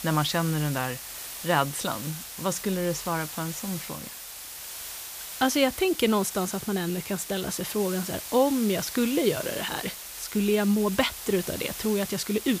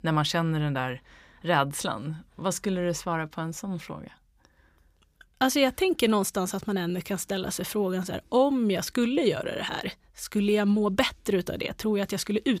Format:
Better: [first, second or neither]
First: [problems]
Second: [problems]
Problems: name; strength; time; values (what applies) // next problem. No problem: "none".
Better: second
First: hiss; loud; throughout; 8 dB below the speech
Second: none